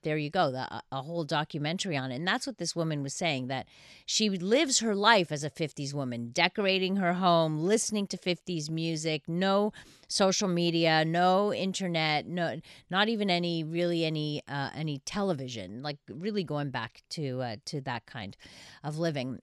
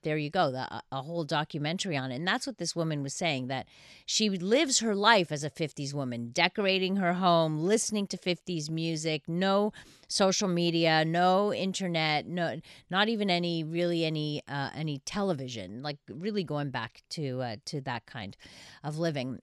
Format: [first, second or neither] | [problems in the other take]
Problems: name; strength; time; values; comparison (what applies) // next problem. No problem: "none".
neither | none